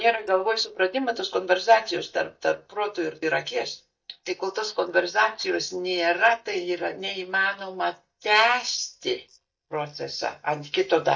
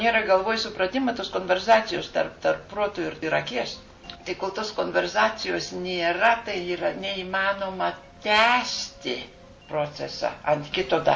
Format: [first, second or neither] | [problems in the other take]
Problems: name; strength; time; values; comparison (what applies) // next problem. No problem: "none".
second | noise reduction (neural mask model DeepFilterNet 3)